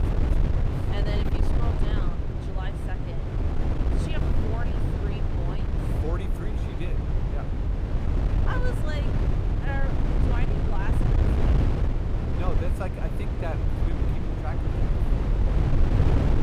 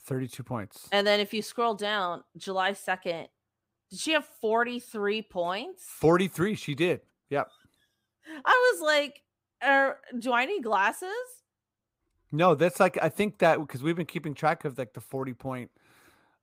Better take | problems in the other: second | wind noise on the microphone; heavy; 3 dB above the speech

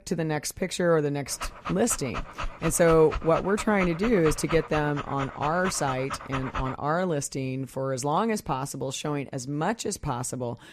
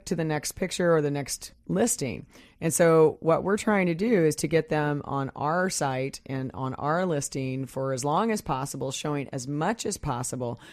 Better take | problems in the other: second | dog barking; noticeable; from 1.5 to 6.5 s; peak 7 dB below the speech

